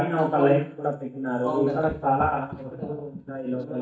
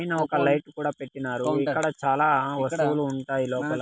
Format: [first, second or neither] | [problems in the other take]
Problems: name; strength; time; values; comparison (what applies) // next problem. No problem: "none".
second | noise reduction (neural mask model DeepFilterNet 3)